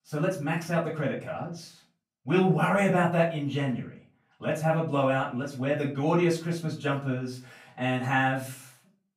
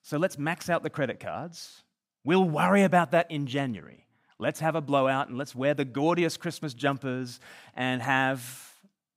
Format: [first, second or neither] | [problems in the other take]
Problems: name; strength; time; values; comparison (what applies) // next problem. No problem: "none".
second | off-mic speech; far // room echo; slight; dies away in 0.3 s